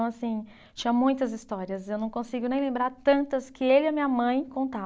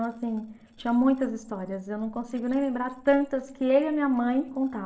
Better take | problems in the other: first | noise reduction (neural separator model SepFormer DNS4)

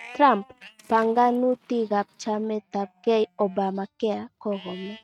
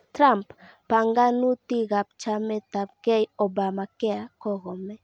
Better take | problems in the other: second | noise reduction (neural mask model RNNoise)

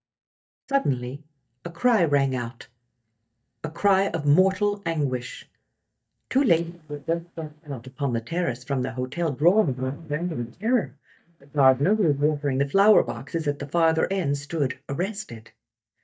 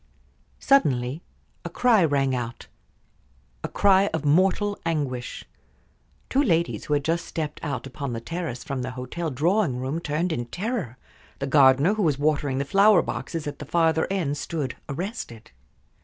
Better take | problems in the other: second | noise reduction (neural mask model DeepFilterNet 3)

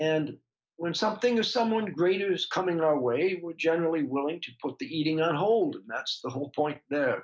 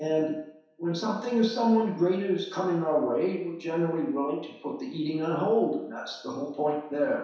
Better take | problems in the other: first | room echo; dies away in 0.7 s

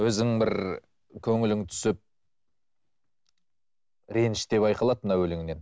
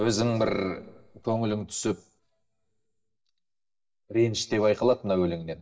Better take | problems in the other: first | noise reduction (neural mask model DeepFilterNet 3)

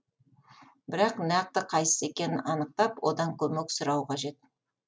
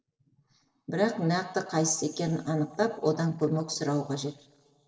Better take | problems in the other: first | noise reduction (neural separator model SepFormer DNS4)

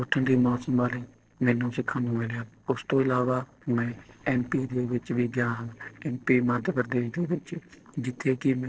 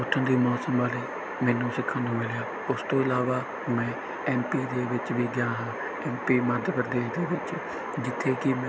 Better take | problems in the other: second | noise reduction (neural separator model SepFormer DNS4)

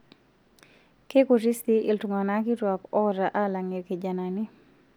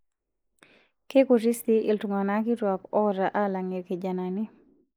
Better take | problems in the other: first | noise reduction (neural mask model Resemble Enhance denoiser)

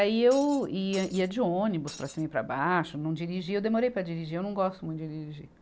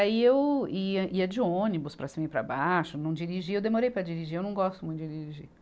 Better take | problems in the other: second | background sound (Shatter); 18 dB below the speech

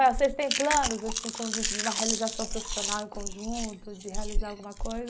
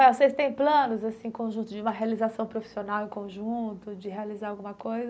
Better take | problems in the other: second | background sound (Chewing, mastication); 1 dB below the speech

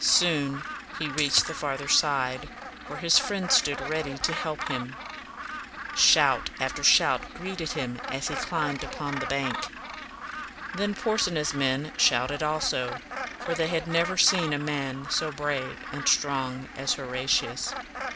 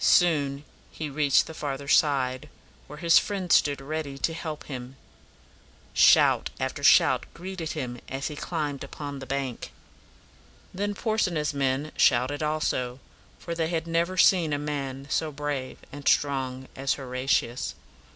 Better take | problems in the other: second | background sound (Gull, seagull + Coin (dropping)); 8 dB below the speech

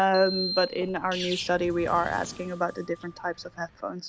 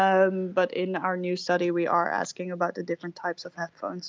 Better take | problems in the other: second | background sound (Sneeze + Sliding door); 10 dB below the speech

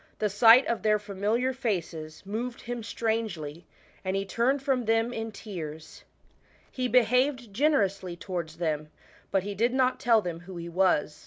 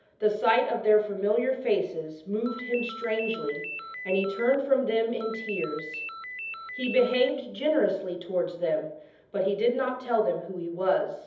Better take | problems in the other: first | background sound (Ringtone); 10 dB below the speech // room echo; dies away in 0.7 s

